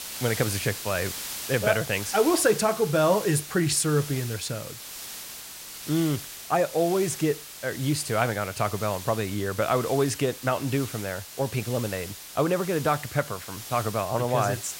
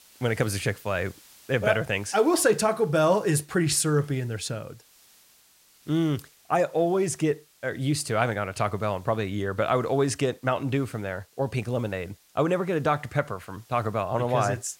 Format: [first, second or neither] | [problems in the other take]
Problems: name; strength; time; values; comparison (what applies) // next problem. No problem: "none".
second | hiss; loud; throughout; 10 dB below the speech; faint in the second